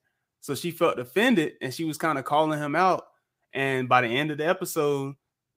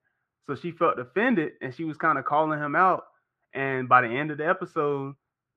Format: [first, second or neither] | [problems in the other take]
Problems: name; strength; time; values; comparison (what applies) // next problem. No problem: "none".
first | muffled; very; fading above 2 kHz